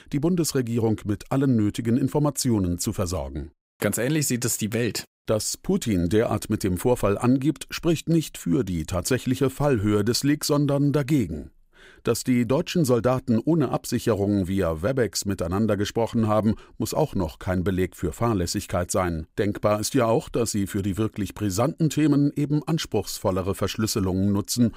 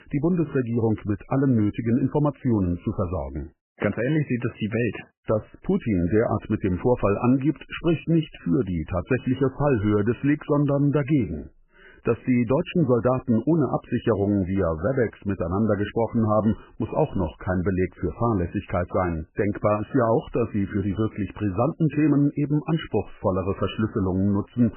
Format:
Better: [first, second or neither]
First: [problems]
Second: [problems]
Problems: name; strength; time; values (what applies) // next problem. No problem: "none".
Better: first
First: none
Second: garbled, watery; badly; nothing above 3 kHz